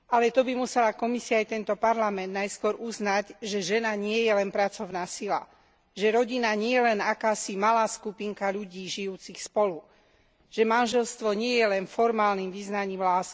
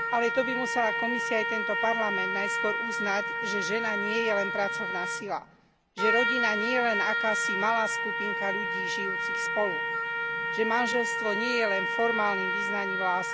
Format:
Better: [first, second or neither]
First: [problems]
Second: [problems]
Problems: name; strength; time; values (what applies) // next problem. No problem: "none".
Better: first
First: none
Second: background sound (Trumpet); 1 dB above the speech